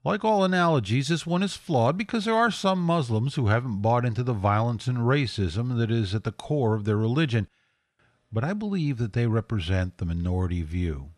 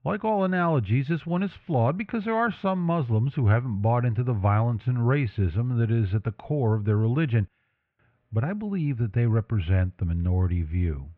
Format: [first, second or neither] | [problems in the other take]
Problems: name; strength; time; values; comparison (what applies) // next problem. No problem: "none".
first | muffled; very; fading above 2.5 kHz